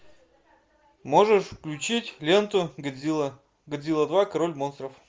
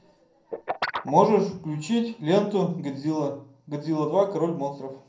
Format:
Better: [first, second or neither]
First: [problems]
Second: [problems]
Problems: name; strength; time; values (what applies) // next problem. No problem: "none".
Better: first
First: none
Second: background sound (Guitar); 10 dB below the speech // room echo; dies away in 0.5 s